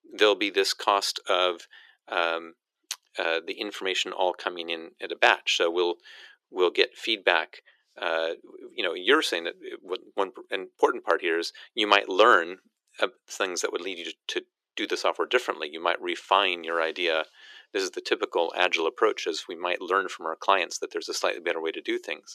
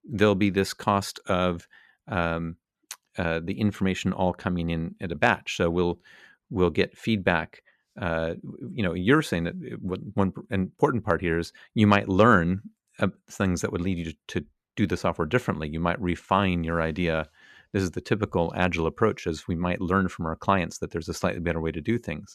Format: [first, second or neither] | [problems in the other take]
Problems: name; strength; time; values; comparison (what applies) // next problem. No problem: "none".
second | thin; very; fading below 350 Hz